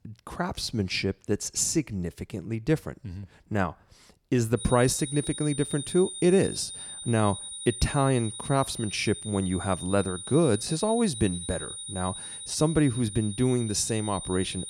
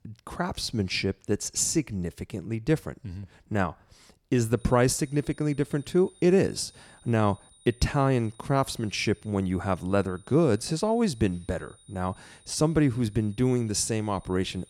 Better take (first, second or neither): second